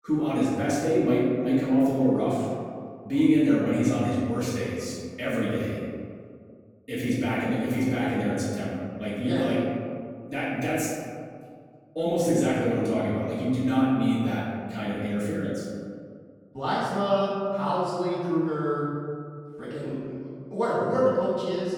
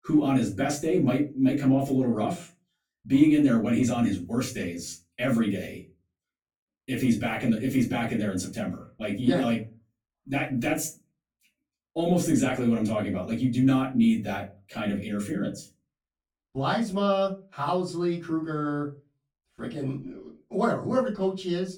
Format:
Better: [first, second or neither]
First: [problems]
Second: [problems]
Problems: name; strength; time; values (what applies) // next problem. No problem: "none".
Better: second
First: room echo; strong; dies away in 2.1 s // off-mic speech; far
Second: room echo; slight; dies away in 0.3 s // off-mic speech; far